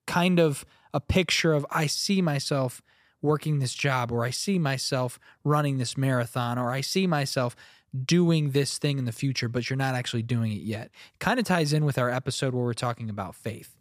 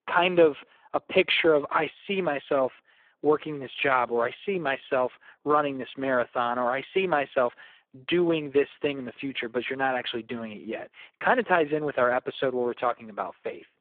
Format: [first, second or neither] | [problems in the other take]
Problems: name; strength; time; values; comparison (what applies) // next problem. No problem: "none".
first | phone-call audio; poor line